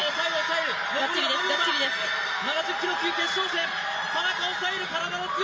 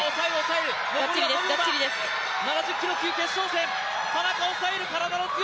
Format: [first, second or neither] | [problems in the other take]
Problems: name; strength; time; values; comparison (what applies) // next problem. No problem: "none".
second | room echo; dies away in 1.5 s